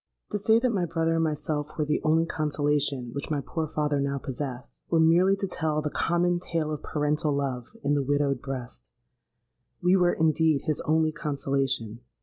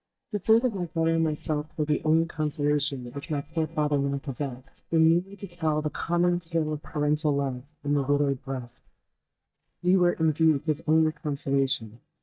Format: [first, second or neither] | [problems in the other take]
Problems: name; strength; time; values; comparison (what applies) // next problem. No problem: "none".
first | noise reduction (neural mask model DeepFilterNet 3)